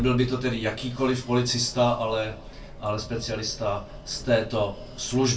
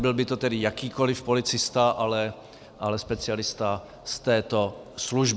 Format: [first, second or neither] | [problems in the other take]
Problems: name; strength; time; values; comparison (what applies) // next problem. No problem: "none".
second | background sound (Breathing); 16 dB below the speech // room echo; dies away in 0.2 s